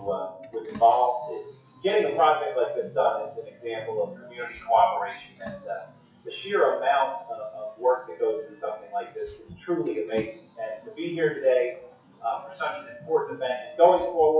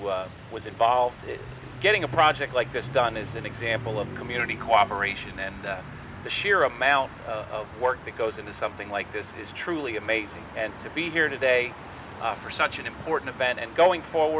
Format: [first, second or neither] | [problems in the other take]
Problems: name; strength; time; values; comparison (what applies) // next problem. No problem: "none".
second | noise reduction (classical method WPE with log-MMSE)